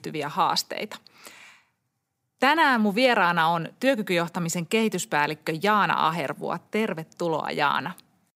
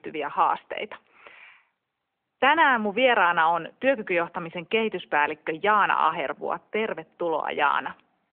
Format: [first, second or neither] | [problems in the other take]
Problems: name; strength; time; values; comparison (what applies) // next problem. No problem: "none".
first | phone-call audio; nothing above 3 kHz